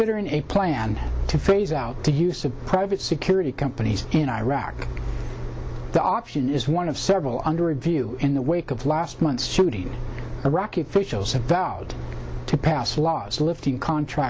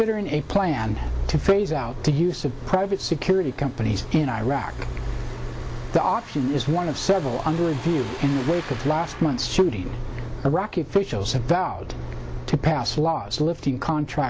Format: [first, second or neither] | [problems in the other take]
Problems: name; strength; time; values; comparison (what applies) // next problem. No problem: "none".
first | background sound (Truck); 19 dB below the speech